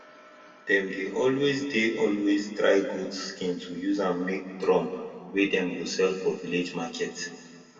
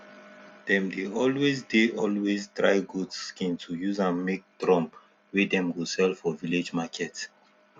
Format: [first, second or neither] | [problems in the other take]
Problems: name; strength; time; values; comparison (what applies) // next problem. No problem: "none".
second | room echo; dies away in 1.9 s